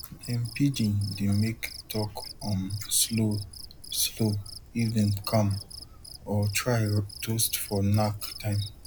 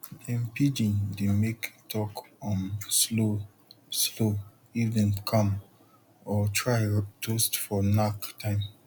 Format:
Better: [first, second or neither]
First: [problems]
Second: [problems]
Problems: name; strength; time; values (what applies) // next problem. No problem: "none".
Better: second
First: background sound (Cricket); 15 dB below the speech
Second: none